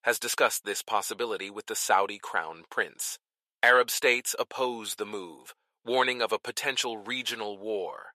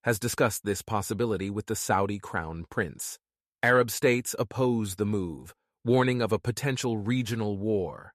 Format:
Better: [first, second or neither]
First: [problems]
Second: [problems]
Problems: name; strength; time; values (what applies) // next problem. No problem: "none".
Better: second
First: thin; very; fading below 650 Hz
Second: none